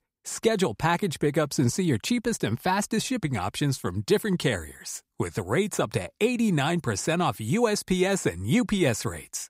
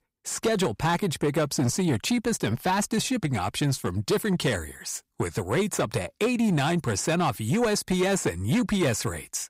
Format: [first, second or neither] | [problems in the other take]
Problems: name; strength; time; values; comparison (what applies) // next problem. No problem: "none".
first | distortion; slight; 10 dB below the speech